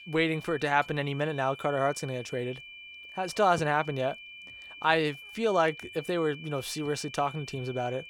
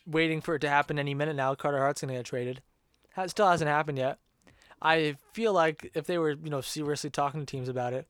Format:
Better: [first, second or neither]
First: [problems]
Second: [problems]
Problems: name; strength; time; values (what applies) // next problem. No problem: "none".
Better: second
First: high-pitched whine; noticeable; throughout; 2.5 kHz, 15 dB below the speech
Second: none